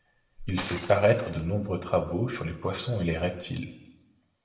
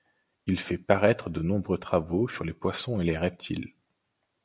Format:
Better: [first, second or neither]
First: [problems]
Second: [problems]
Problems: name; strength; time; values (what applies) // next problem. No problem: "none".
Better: second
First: background sound (Shatter); 17 dB below the speech // room echo; dies away in 0.9 s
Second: none